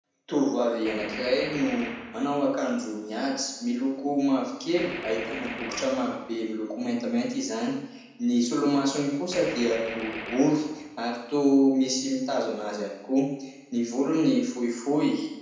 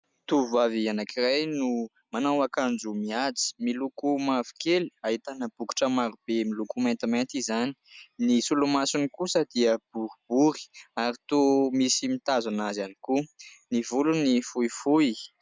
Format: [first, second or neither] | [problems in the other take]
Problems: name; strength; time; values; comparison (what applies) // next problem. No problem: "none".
second | background sound (Gunshot, gunfire); 12 dB below the speech // room echo; dies away in 0.9 s